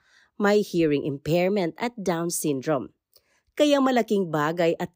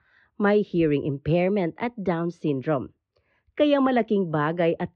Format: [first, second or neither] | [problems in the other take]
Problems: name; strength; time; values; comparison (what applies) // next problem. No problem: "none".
first | muffled; very; fading above 3 kHz